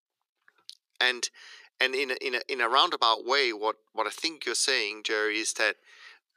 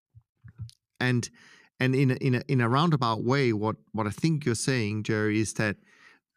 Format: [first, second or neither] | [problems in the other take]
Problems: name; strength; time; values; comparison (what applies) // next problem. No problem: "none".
second | thin; very; fading below 400 Hz